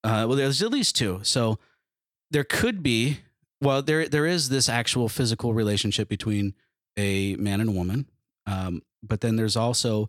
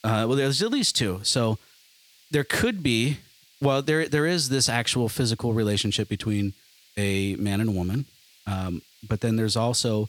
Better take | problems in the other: first | hiss; faint; throughout; 30 dB below the speech

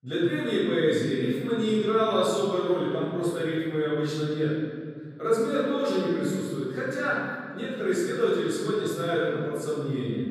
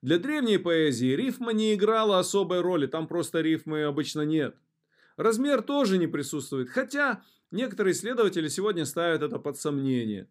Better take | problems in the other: second | room echo; strong; dies away in 2.1 s // off-mic speech; far

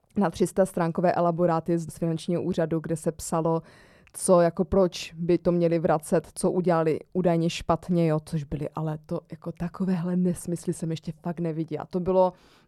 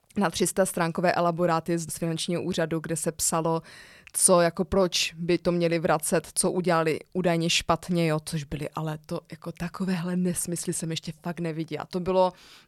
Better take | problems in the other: second | muffled; slightly; fading above 1.5 kHz

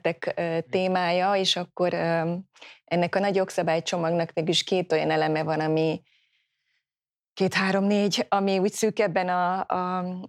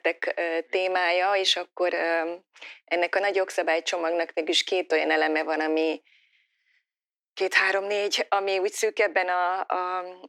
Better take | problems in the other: first | thin; very; fading below 300 Hz

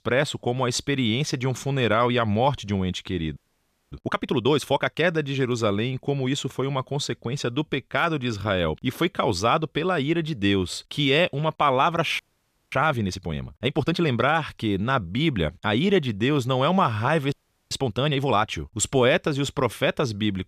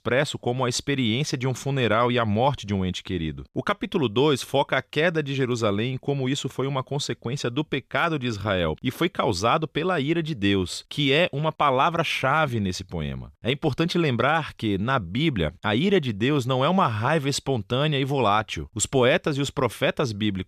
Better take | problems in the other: second | audio freezing; at 3.5 s for 0.5 s, at 12 s for 0.5 s and at 17 s

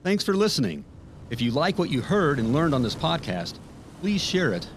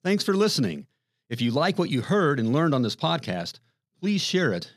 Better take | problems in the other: second | wind noise on the microphone; occasional gusts; 20 dB below the speech

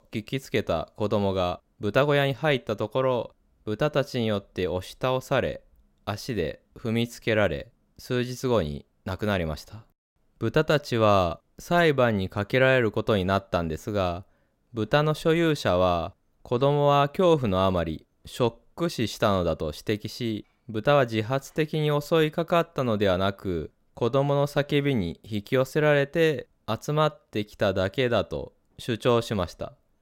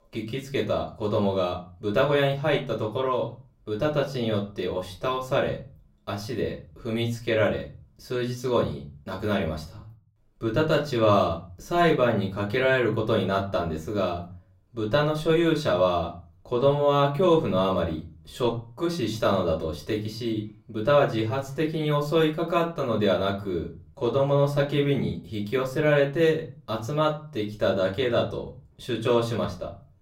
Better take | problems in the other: first | off-mic speech; far // room echo; very slight; dies away in 0.3 s

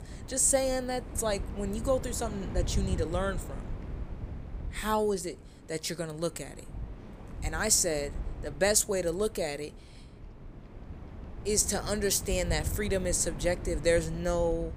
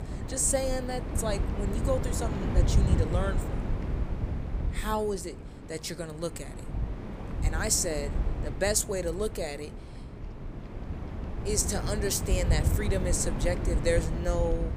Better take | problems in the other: first | wind noise on the microphone; heavy; 9 dB below the speech; occasional gusts in the first

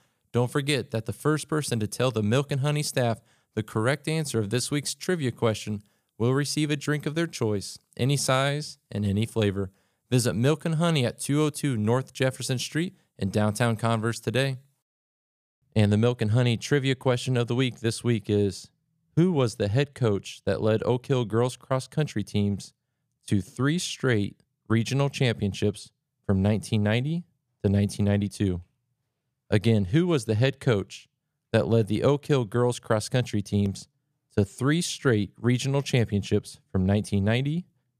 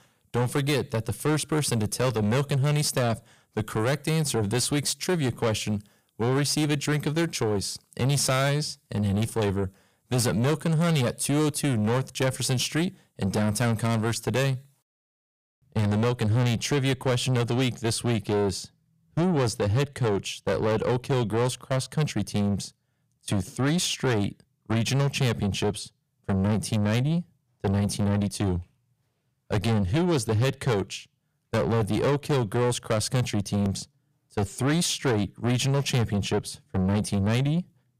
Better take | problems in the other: first | distortion; heavy; 7 dB below the speech

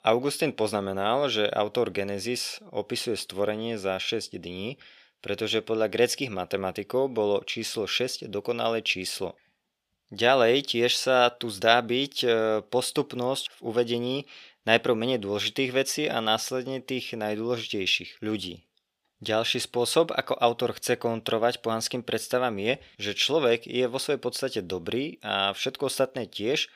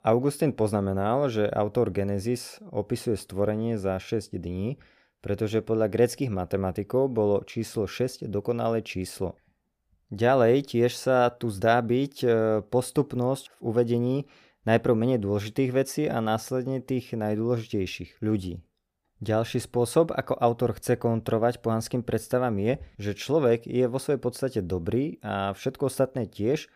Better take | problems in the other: second | thin; very slightly; fading below 450 Hz

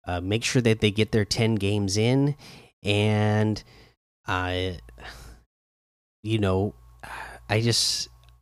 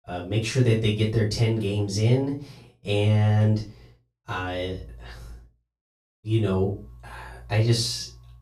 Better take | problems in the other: first | off-mic speech; far // room echo; slight; dies away in 0.3 s

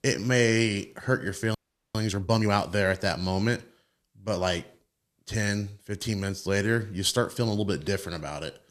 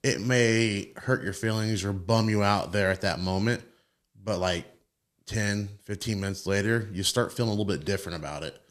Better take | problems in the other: second | audio freezing; at 1.5 s

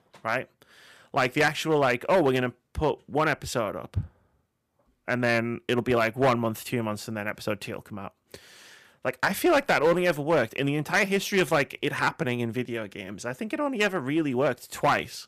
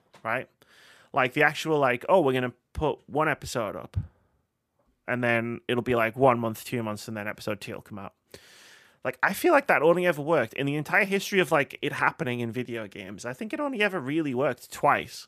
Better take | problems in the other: second | distortion; slight; 4% of the sound clipped

